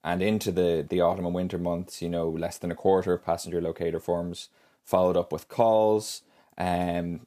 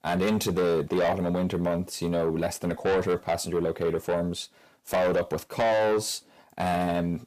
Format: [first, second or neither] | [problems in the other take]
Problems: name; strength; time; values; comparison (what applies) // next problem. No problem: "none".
first | distortion; heavy; 7 dB below the speech